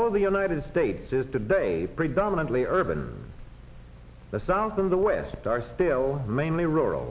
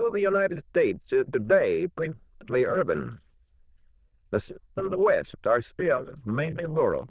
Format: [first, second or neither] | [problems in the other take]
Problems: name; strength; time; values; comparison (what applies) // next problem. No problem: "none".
first | noise reduction (neural diffusion model UNIVERSE++)